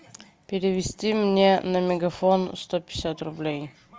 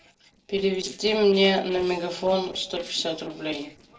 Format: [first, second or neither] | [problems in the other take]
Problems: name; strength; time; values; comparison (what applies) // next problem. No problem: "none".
first | noise reduction (neural separator model SepFormer DNS4)